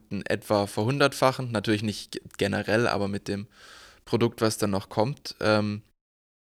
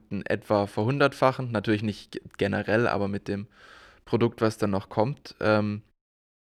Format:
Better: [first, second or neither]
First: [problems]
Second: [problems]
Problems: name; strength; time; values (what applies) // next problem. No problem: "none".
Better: first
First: none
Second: muffled; slightly; fading above 4 kHz